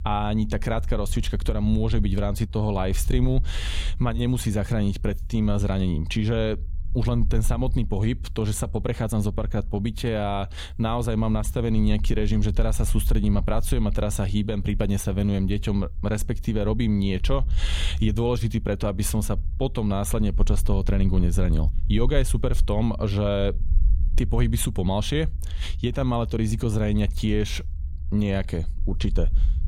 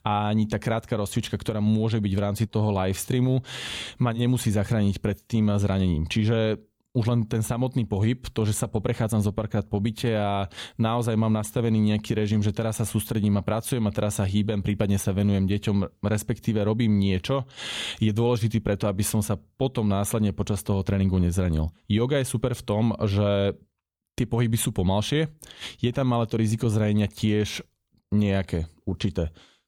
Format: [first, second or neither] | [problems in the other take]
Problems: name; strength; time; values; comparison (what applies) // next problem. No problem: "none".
second | low rumble; faint; throughout; 20 dB below the speech